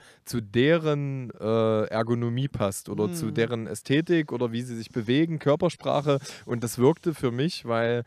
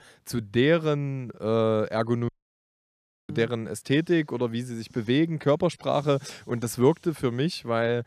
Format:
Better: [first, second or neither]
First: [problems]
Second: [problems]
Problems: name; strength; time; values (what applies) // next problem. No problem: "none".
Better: first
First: none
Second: audio cutting out; at 2.5 s for 1 s